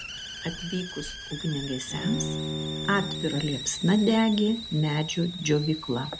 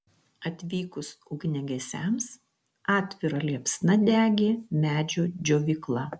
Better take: second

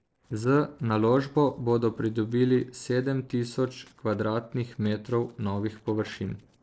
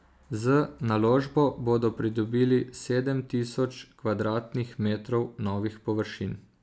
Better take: second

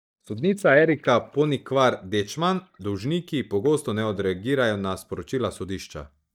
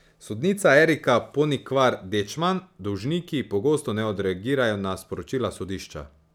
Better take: second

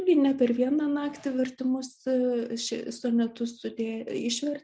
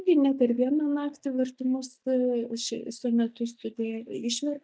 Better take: first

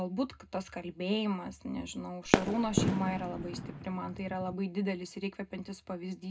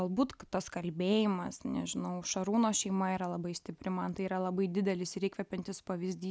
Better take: second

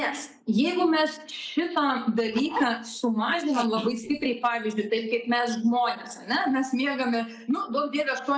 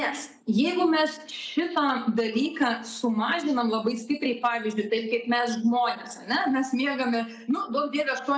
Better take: second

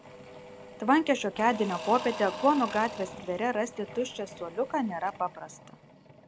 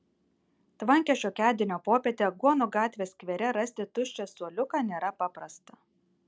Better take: second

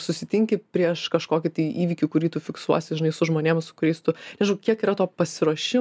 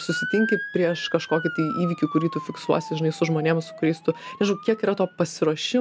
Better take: first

